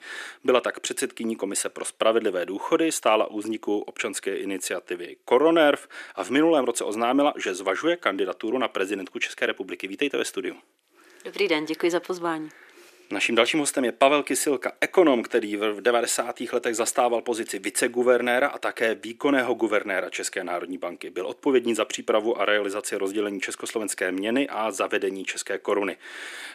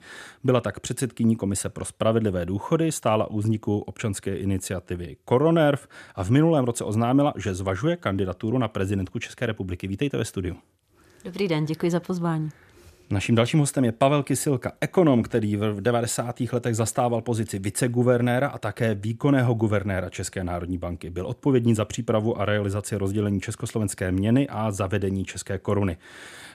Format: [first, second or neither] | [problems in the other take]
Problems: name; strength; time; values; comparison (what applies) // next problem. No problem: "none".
second | thin; somewhat; fading below 300 Hz